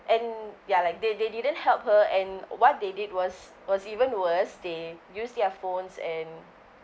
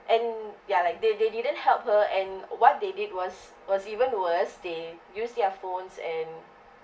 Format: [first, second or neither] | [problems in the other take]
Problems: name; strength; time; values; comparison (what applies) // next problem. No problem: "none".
first | room echo; dies away in 0.2 s